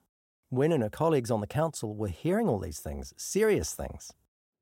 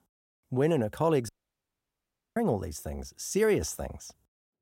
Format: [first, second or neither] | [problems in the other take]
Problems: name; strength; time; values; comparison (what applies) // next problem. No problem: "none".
first | audio cutting out; at 1.5 s for 1 s